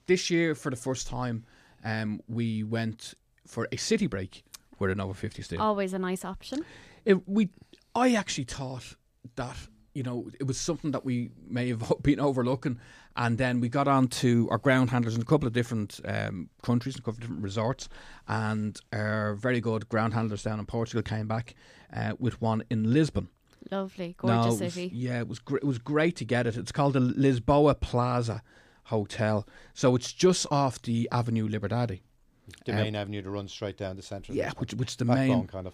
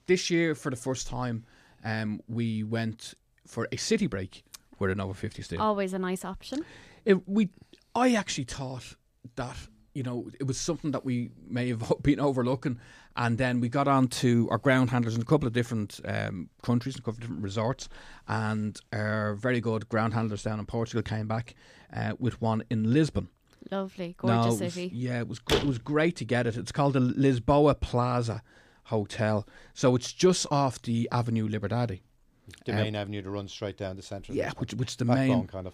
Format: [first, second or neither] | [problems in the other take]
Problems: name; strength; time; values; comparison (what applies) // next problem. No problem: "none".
first | door banging; loud; at 25 s; peak level with the speech